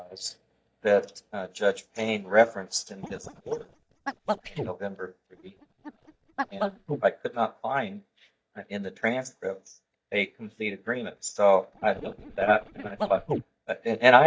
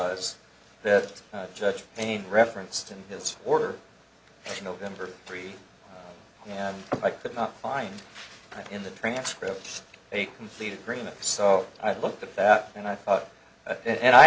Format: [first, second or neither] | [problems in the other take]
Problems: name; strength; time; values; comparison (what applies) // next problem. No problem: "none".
second | noise reduction (neural mask model DeepFilterNet 3)